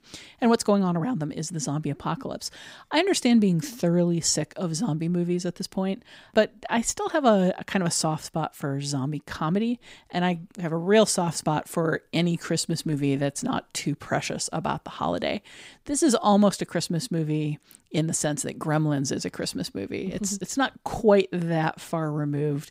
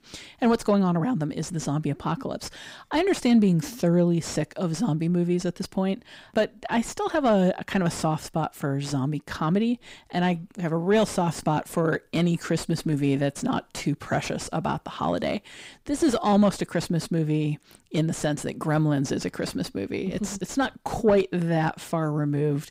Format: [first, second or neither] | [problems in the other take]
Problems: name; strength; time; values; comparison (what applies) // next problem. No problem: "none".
first | distortion; slight; 10 dB below the speech